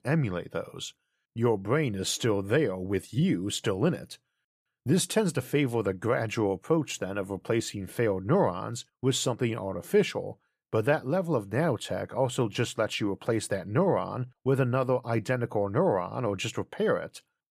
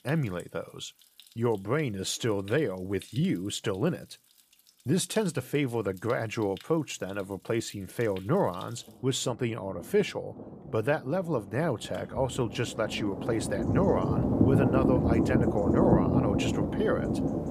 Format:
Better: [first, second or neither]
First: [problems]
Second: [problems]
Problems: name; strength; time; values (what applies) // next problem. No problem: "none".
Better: first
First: none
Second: rain or running water; very loud; throughout; 3 dB above the speech